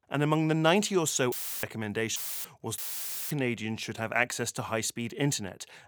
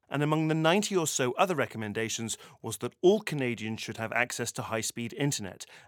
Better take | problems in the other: second | audio cutting out; filled with static; at 1.5 s, at 2 s and at 3 s for 0.5 s

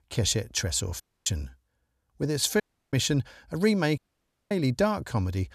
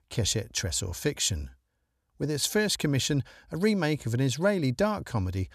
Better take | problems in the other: second | audio cutting out; at 1 s, at 2.5 s and at 4 s for 0.5 s

